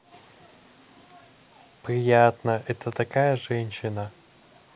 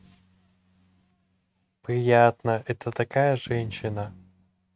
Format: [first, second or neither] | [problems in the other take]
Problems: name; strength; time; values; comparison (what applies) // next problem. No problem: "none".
first | noise reduction (neural mask model RNNoise)